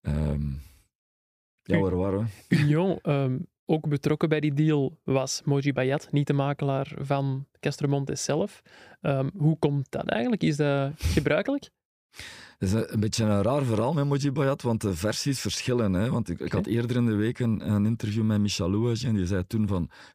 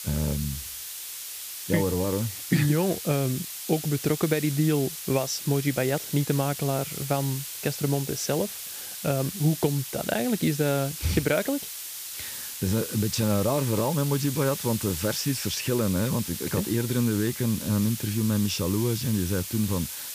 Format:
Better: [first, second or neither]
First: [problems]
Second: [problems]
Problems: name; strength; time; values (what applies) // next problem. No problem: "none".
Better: first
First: none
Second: hiss; loud; throughout; 7 dB below the speech